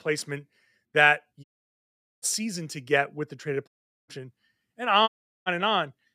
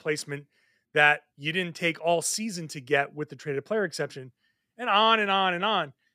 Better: second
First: audio cutting out; at 1.5 s for 1 s, at 3.5 s and at 5 s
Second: none

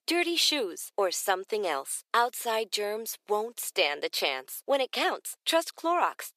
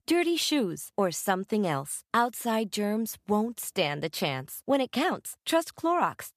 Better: second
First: thin; very; fading below 400 Hz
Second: none

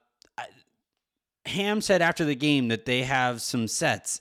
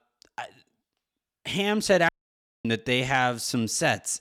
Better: first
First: none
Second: audio cutting out; at 2 s for 0.5 s

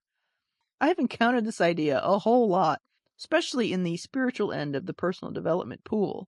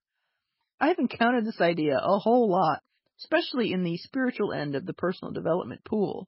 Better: first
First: garbled, watery; slightly; nothing above 11 kHz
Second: garbled, watery; badly; nothing above 5.5 kHz

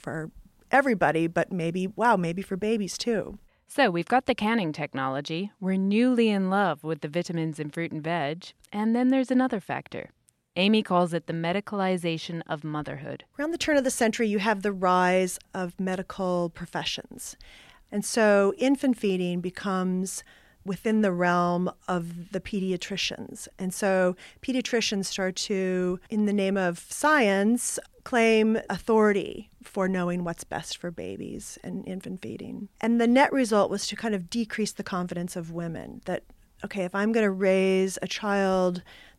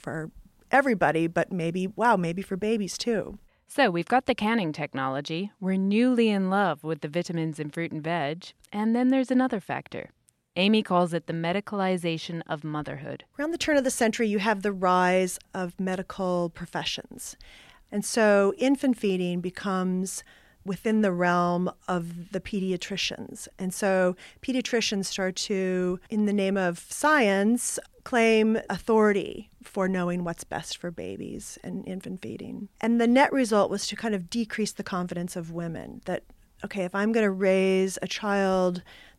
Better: neither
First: none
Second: none

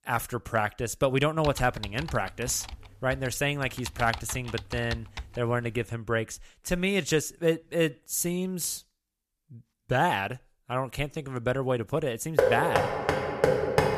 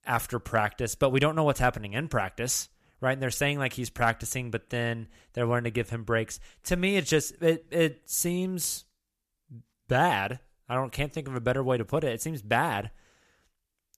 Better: second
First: keyboard typing; noticeable; from 1.5 to 6 s; peak 9 dB below the speech // door banging; loud; from 12 s on; peak 5 dB above the speech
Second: none

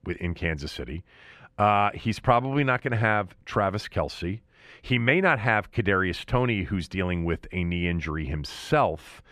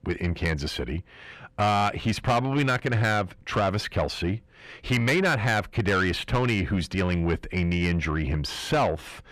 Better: first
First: none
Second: distortion; heavy; 8 dB below the speech

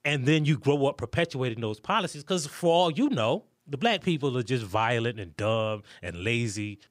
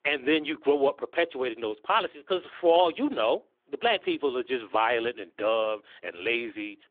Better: first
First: none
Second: phone-call audio; nothing above 3.5 kHz

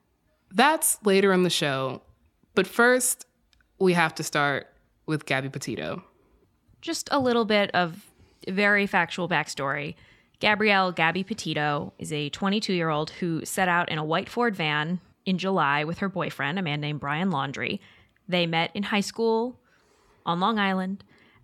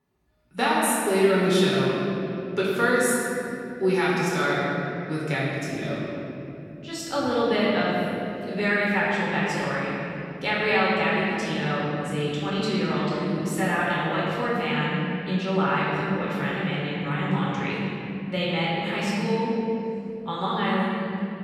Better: first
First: none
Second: room echo; strong; dies away in 3 s // off-mic speech; far

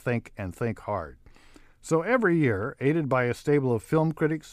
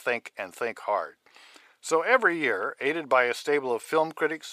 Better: first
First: none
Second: thin; very; fading below 650 Hz

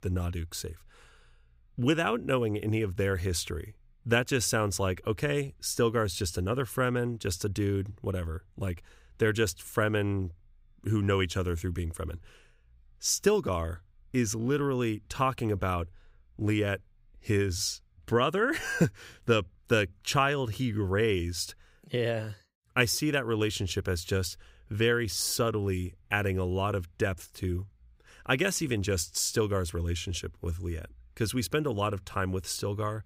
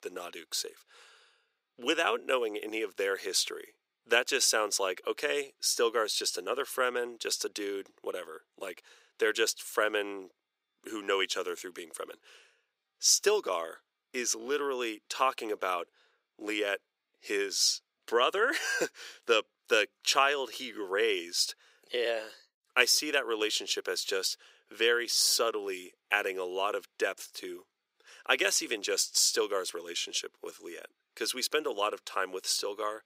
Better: first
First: none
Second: thin; very; fading below 400 Hz

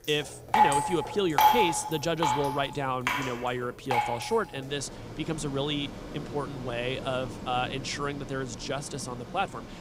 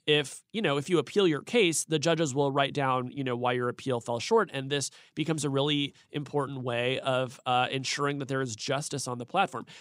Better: second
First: rain or running water; very loud; throughout; 2 dB above the speech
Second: none

